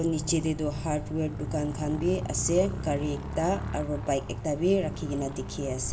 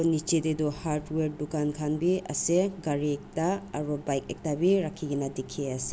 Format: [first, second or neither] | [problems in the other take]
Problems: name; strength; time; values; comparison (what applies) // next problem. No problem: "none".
second | background sound (Motorcycle); 7 dB below the speech // room echo; dies away in 0.3 s